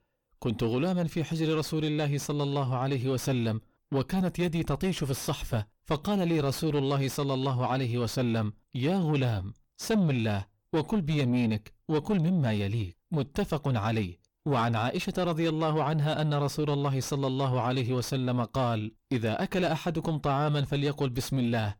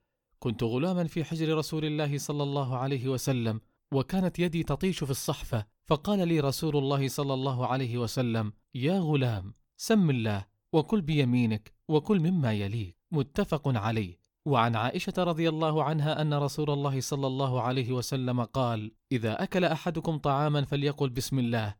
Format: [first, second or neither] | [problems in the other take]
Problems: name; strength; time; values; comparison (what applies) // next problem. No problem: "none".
second | distortion; slight; 10 dB below the speech